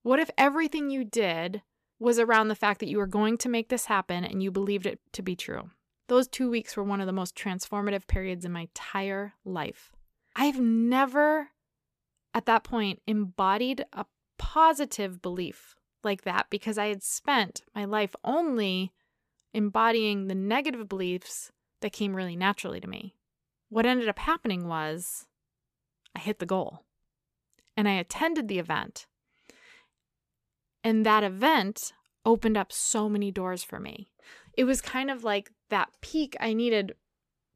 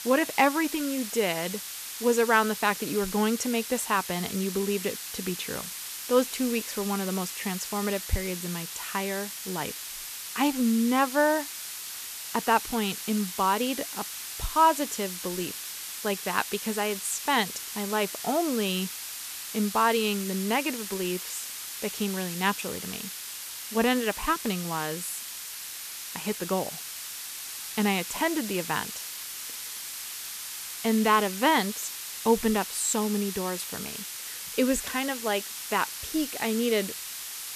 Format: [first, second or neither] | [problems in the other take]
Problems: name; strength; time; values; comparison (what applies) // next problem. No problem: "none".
first | hiss; loud; throughout; 7 dB below the speech